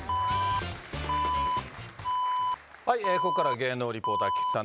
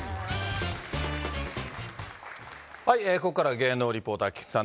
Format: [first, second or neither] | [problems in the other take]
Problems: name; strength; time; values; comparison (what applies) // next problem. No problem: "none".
second | background sound (Alarm); 3 dB above the speech